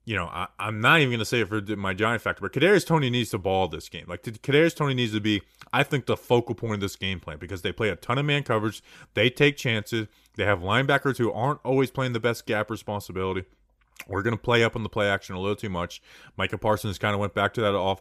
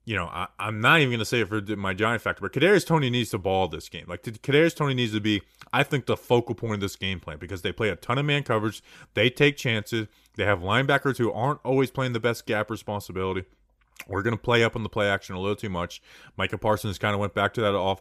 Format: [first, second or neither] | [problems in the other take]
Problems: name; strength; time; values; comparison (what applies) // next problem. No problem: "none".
neither | none